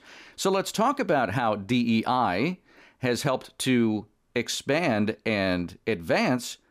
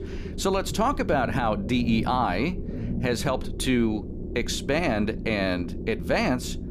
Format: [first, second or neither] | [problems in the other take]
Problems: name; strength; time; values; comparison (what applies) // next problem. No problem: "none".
first | low rumble; noticeable; throughout; 15 dB below the speech